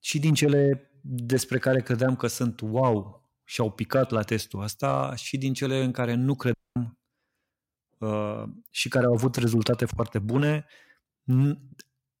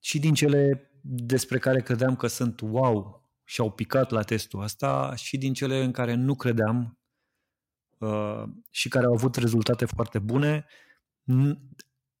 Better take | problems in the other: second | audio cutting out; at 6.5 s

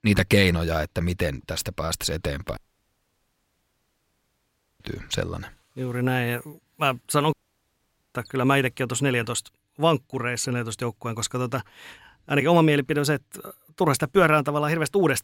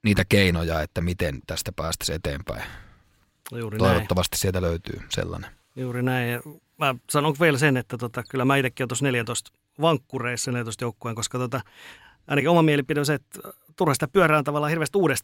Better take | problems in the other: second | audio cutting out; at 2.5 s for 2 s and at 7.5 s for 1 s

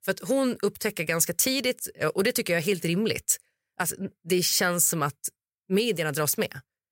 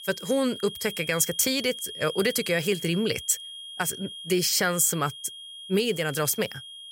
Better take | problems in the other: first | high-pitched whine; noticeable; throughout; 3.5 kHz, 10 dB below the speech

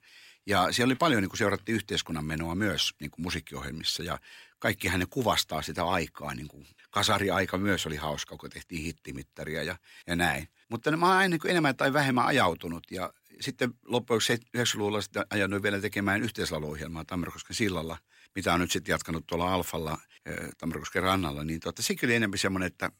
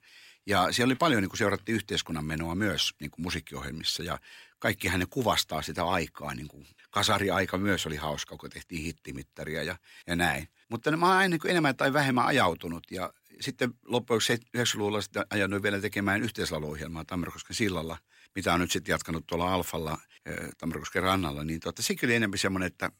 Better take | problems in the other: neither | none

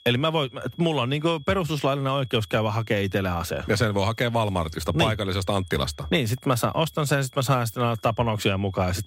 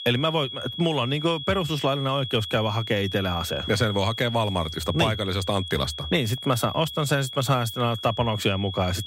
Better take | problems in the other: first | high-pitched whine; loud; throughout; 3.5 kHz, 8 dB below the speech; faint in the first

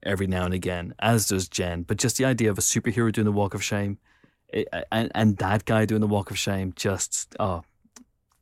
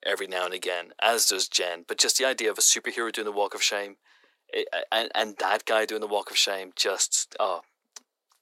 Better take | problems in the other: first | thin; very; fading below 450 Hz

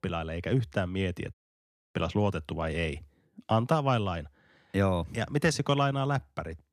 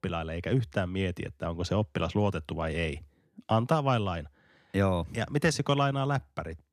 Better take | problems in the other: second | audio cutting out; at 1.5 s for 0.5 s

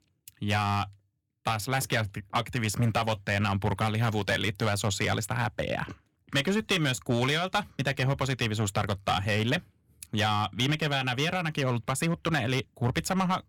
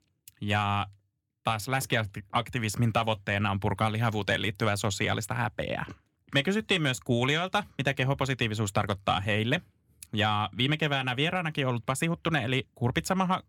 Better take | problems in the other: second | distortion; slight; 5% of the sound clipped

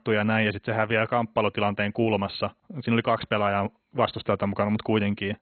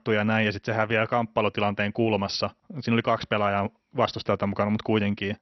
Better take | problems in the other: second | garbled, watery; badly; nothing above 4 kHz; slightly in the second

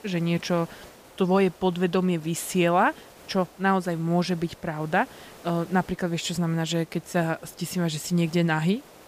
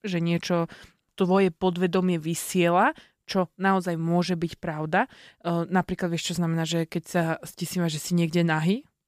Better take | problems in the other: second | hiss; faint; throughout; 25 dB below the speech

